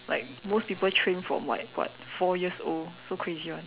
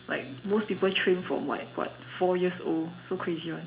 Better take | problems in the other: first | room echo; dies away in 0.4 s

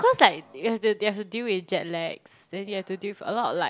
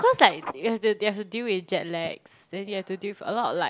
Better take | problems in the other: first | background sound (Telephone); 19 dB below the speech

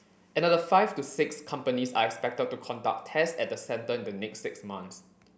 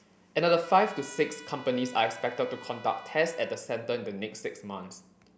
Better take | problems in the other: first | background sound (Trumpet); 19 dB below the speech

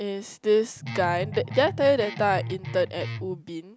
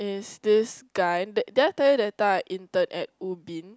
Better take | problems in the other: second | background sound (Guitar); 9 dB below the speech

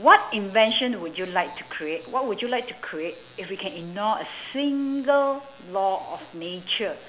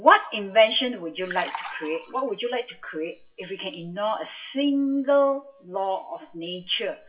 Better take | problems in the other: first | noise reduction (classical method WPE with log-MMSE)

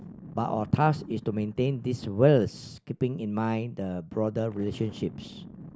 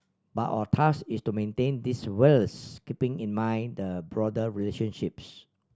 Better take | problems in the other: second | background sound (Boom); 19 dB below the speech

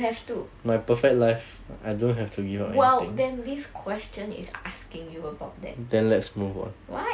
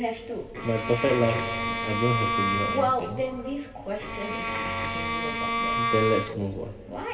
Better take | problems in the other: first | background sound (Bowed string instrument); 1 dB below the speech // room echo; dies away in 2 s

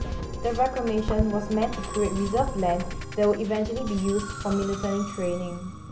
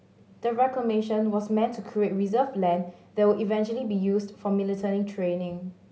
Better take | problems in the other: second | background sound (Musical instrument); 6 dB below the speech

